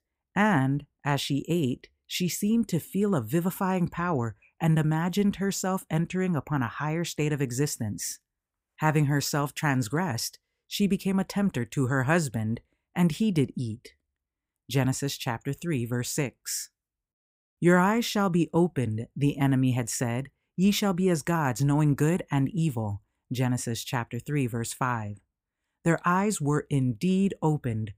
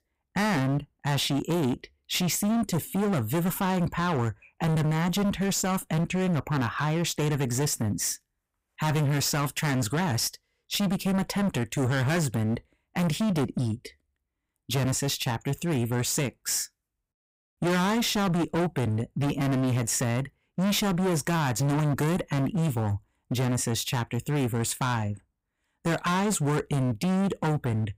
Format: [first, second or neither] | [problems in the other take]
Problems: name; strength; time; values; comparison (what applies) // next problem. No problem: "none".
first | distortion; heavy; 26% of the sound clipped